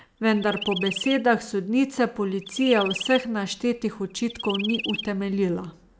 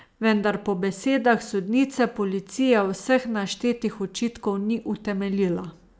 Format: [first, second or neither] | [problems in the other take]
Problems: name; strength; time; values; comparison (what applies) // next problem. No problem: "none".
second | background sound (Chirp, tweet); 9 dB below the speech